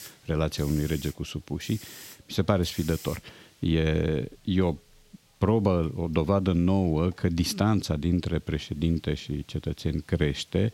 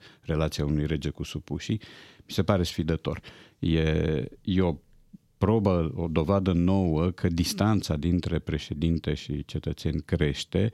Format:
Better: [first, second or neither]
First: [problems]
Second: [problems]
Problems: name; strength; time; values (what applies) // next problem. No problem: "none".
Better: second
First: hiss; faint; throughout; 20 dB below the speech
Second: none